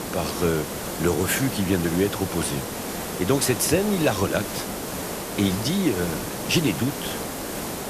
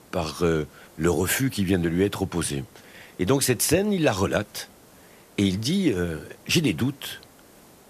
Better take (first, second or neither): second